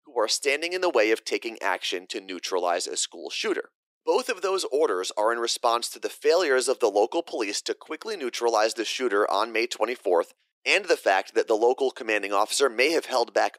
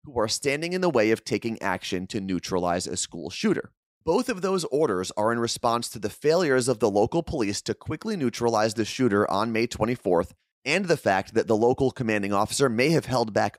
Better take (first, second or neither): second